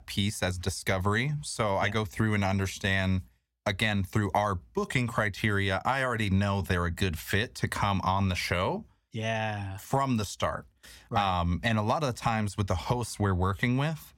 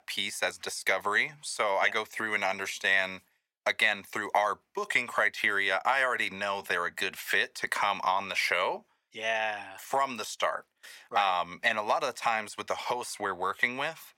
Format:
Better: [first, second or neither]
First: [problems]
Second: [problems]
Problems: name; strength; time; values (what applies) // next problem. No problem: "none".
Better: first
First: none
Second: thin; very; fading below 550 Hz